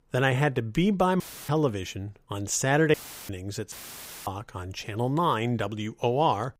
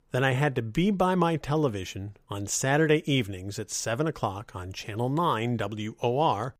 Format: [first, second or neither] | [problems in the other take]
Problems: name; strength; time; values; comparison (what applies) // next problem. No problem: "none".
second | audio cutting out; filled with static; at 1 s, at 3 s and at 3.5 s for 0.5 s